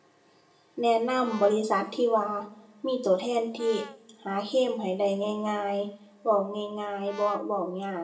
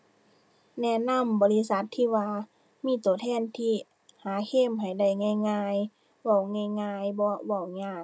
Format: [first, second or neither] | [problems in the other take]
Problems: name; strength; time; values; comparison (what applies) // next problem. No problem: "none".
second | background sound (Brass instrument); 18 dB below the speech // room echo; dies away in 0.5 s